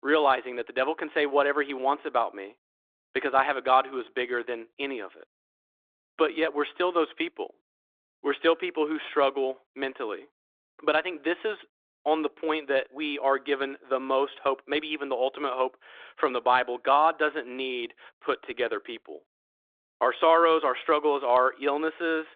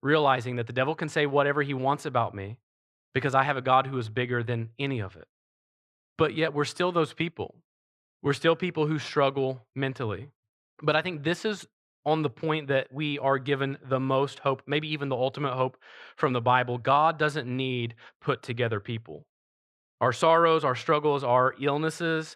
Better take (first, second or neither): second